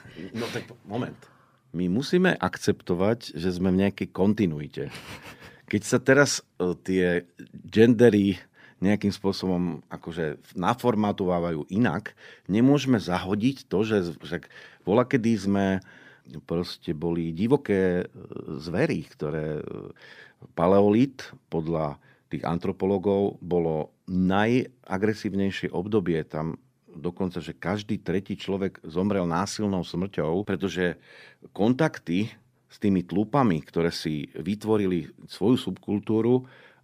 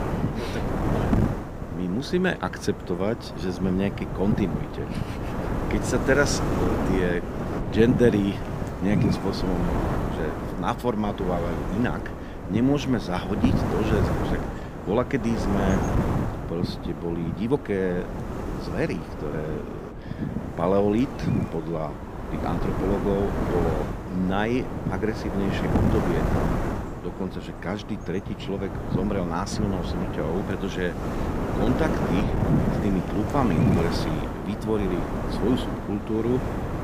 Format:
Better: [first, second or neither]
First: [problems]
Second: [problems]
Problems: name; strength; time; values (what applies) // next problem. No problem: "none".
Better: first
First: none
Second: wind noise on the microphone; heavy; 3 dB below the speech